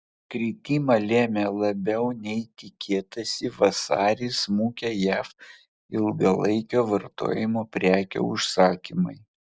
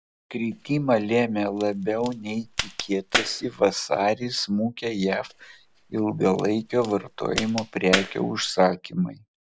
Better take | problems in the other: first | background sound (Crack); 8 dB below the speech

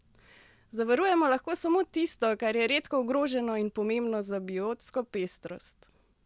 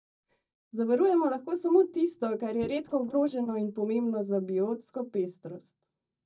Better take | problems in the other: first | noise reduction (neural mask model DeepFilterNet 3)

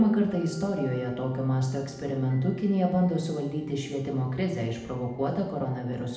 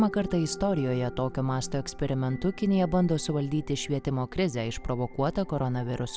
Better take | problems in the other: second | room echo; dies away in 0.8 s

